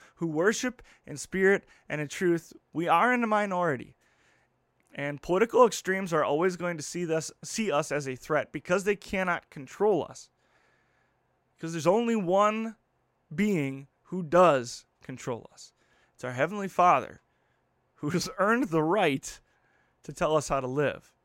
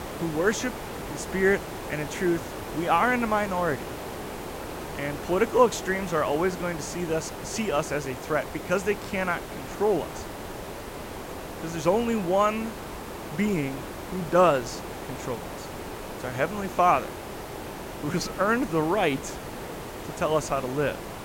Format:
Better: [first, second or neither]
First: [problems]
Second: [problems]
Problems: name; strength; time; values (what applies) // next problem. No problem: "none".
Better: first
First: none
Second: hiss; loud; throughout; 10 dB below the speech